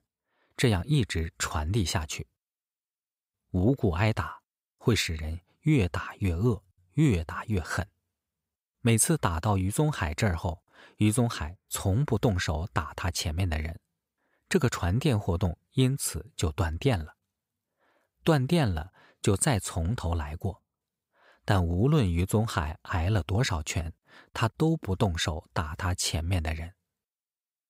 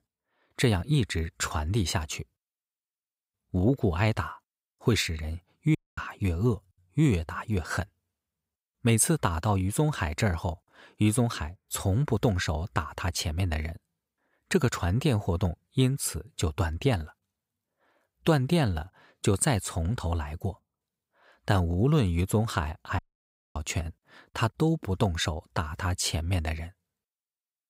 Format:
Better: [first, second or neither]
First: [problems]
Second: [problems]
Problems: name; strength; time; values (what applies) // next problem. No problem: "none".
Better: first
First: none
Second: audio cutting out; at 6 s and at 23 s for 0.5 s